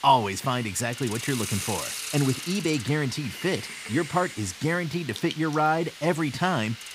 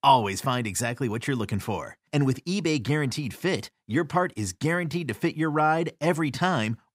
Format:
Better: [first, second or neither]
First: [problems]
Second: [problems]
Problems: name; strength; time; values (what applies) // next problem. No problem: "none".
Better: second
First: hiss; loud; throughout; 8 dB below the speech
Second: none